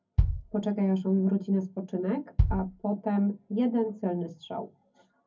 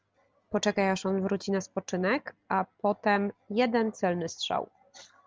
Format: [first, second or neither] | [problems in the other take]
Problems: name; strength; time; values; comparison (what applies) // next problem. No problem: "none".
second | background sound (Bass drum); 3 dB below the speech // room echo; dies away in 0.3 s